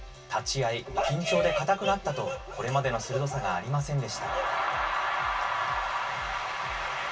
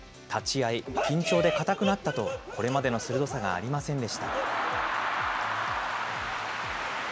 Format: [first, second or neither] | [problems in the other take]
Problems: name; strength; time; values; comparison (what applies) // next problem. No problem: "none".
second | room echo; dies away in 0.1 s